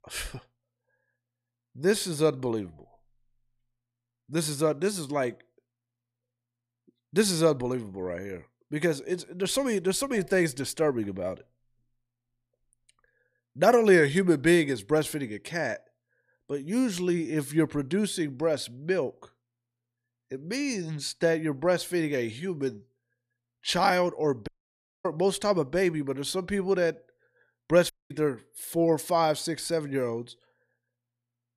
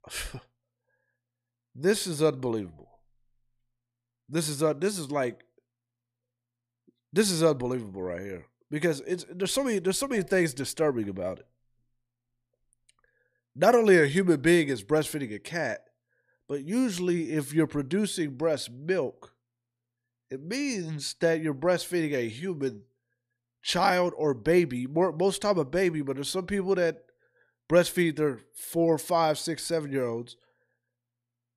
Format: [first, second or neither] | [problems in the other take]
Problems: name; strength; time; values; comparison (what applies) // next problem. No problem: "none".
second | audio cutting out; at 24 s for 0.5 s and at 28 s